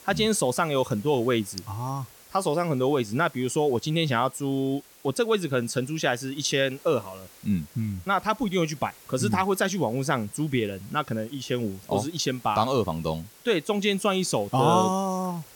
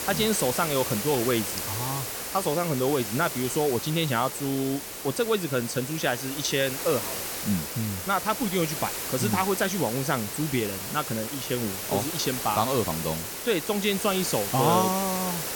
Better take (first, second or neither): first